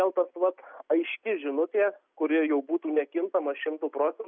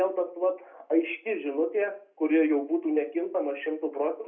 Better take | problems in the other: first | room echo; dies away in 0.3 s

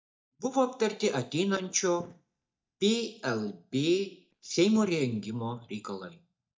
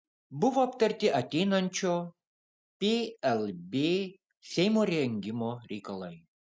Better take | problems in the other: second | noise reduction (neural mask model DeepFilterNet 3)

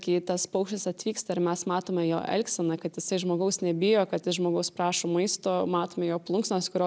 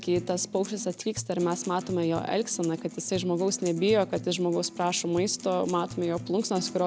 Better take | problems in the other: first | background sound (Acoustic guitar); 14 dB below the speech

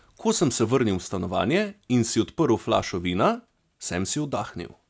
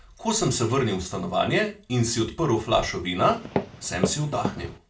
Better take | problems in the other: first | background sound (Walk, footsteps); 5 dB below the speech // room echo; dies away in 0.3 s

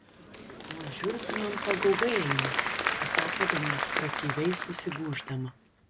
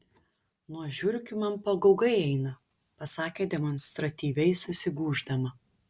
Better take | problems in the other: second | background sound (Applause / Crowd); 1 dB above the speech

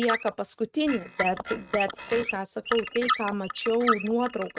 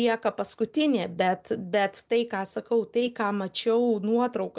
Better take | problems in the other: second | noise reduction (neural mask model RNNoise)

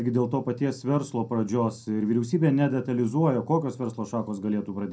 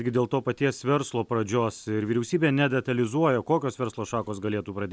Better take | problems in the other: second | room echo; dies away in 0.2 s

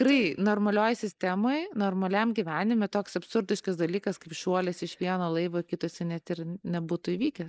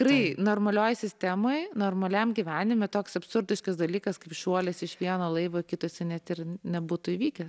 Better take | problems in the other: second | noise reduction (neural mask model Resemble Enhance denoiser)

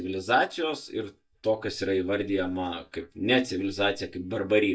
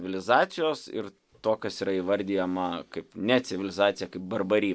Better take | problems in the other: second | noise reduction (neural mask model DeepFilterNet 3)

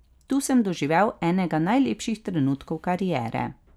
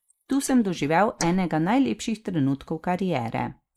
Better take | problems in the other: first | noise reduction (neural mask model Resemble Enhance denoiser)

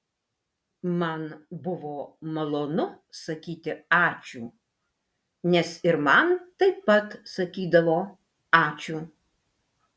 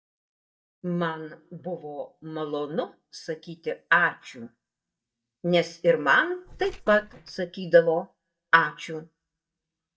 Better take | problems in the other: first | noise reduction (neural mask model DeepFilterNet 3)

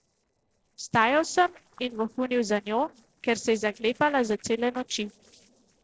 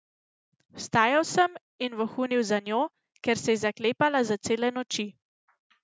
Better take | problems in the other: second | noise reduction (neural separator model SepFormer DNS4)

